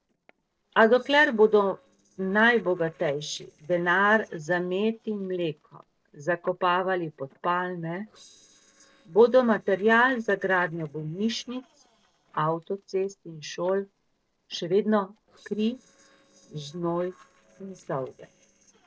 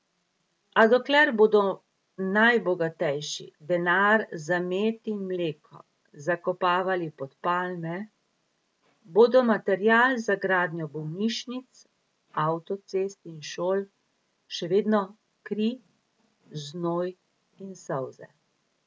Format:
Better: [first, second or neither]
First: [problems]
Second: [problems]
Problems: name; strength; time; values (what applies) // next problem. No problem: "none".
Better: second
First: noise reduction (neural separator model SepFormer DNS4)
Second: none